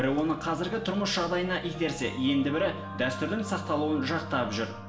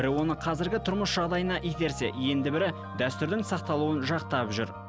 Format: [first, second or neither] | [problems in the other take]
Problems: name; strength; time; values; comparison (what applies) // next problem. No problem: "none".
second | room echo; dies away in 0.7 s